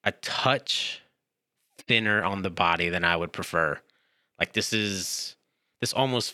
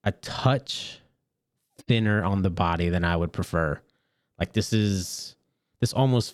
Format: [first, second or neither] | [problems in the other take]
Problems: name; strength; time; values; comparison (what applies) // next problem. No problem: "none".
second | thin; somewhat; fading below 550 Hz